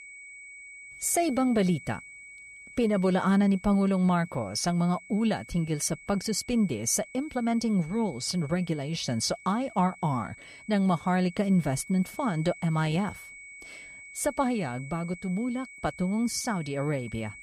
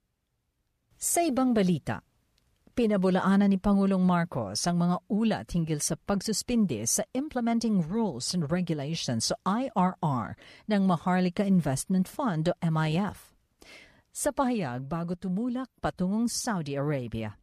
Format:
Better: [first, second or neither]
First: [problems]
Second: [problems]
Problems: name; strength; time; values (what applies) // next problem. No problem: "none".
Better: second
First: high-pitched whine; noticeable; throughout; 2 kHz, 15 dB below the speech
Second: none